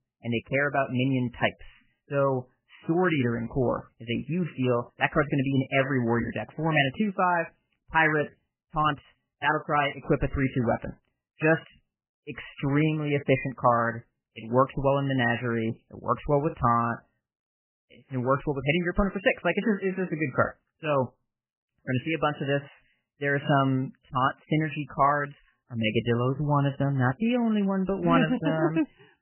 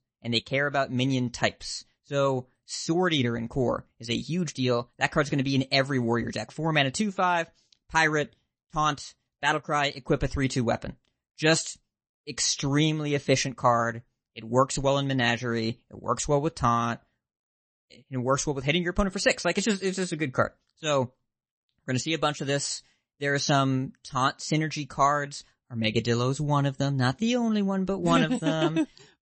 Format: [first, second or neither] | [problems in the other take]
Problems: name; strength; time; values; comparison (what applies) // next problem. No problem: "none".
second | garbled, watery; badly; nothing above 3 kHz; slightly in the second